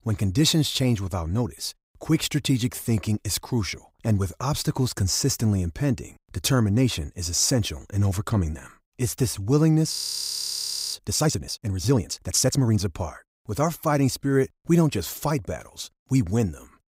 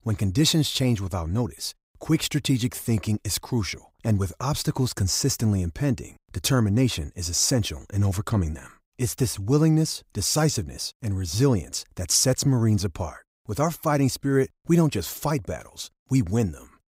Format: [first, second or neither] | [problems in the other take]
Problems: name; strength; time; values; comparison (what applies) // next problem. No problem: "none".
second | audio freezing; at 10 s for 1 s